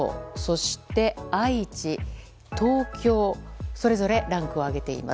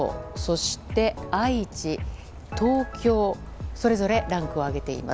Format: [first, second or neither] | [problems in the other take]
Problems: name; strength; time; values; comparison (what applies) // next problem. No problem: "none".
first | background sound (Rain); 17 dB below the speech